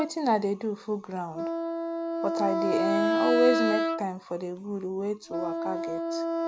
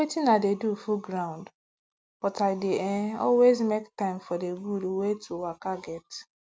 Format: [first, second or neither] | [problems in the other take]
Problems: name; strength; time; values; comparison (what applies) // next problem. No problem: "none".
second | background sound (Wind instrument, woodwind instrument); as loud as the speech